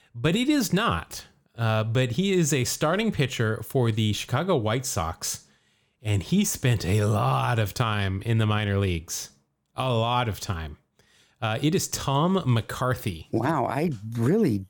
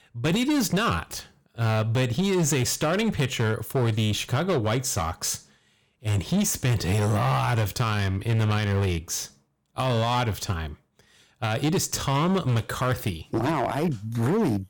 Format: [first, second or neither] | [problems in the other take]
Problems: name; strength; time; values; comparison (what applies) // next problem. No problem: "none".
first | distortion; slight; 14% of the sound clipped